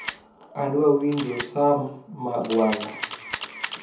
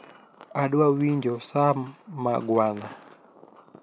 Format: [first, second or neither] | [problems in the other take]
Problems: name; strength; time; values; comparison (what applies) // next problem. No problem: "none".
second | background sound (Camera); 12 dB below the speech // room echo; dies away in 0.7 s